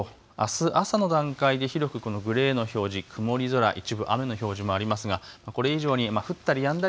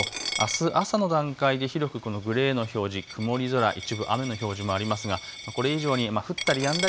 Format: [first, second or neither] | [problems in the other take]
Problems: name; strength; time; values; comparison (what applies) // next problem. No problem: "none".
first | background sound (Coin (dropping)); 10 dB below the speech